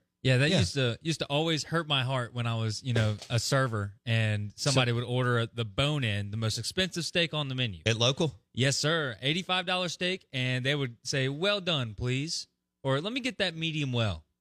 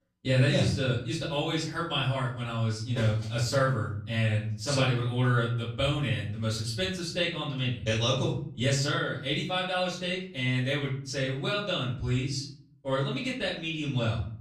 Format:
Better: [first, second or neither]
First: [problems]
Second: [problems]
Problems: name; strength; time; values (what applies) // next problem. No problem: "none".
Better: first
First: none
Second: room echo; slight; dies away in 0.5 s // off-mic speech; far